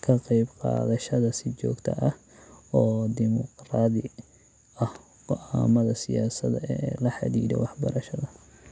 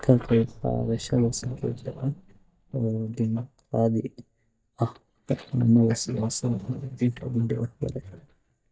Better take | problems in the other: first | noise reduction (neural mask model DeepFilterNet 3)

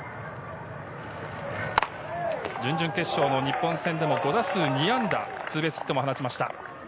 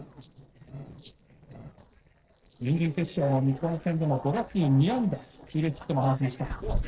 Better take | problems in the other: first | noise reduction (neural separator model SepFormer DNS4)

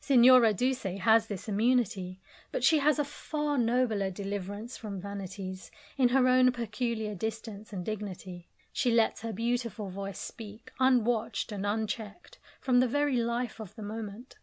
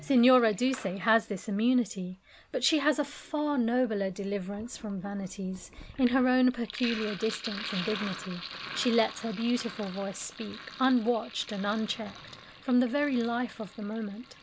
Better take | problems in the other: first | background sound (Sink (filling or washing)); 15 dB below the speech

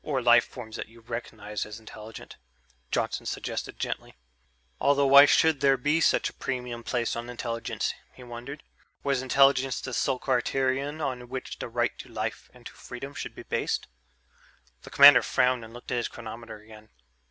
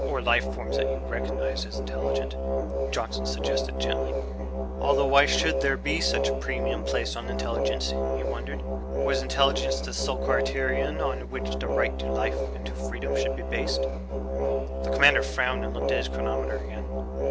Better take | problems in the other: first | background sound (Musical instrument); 3 dB above the speech

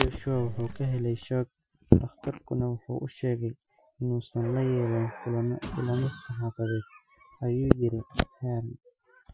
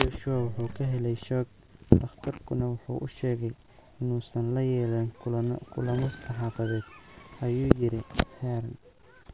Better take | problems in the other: second | noise reduction (classical method Wiener filter)

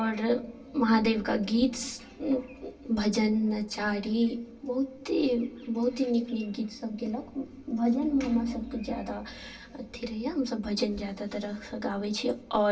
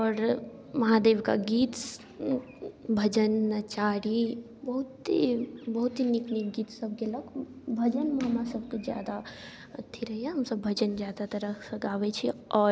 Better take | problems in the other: second | room echo; dies away in 0.1 s

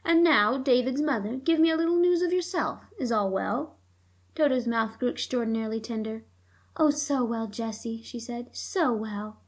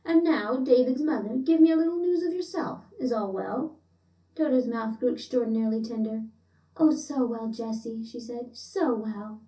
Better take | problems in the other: first | room echo; dies away in 0.3 s

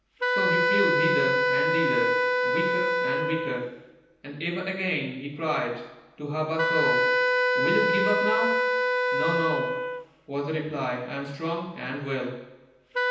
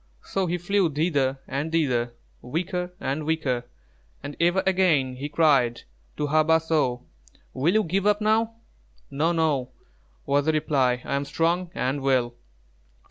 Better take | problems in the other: second | background sound (Wind instrument, woodwind instrument); 4 dB above the speech // room echo; dies away in 0.9 s

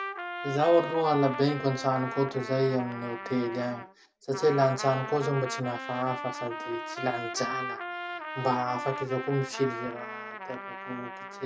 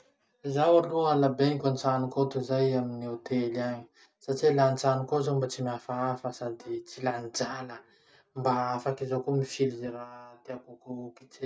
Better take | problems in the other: second | background sound (Trumpet); 8 dB below the speech

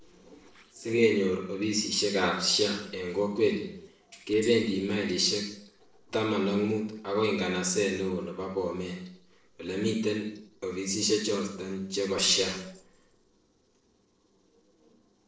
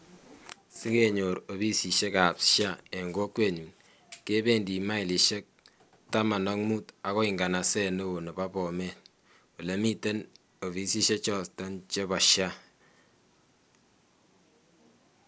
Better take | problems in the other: second | noise reduction (neural separator model SepFormer DNS4)

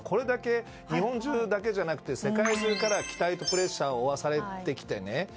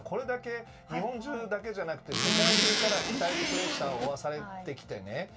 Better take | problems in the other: first | background sound (Zipper (clothing)); 5 dB above the speech // room echo; dies away in 0.2 s

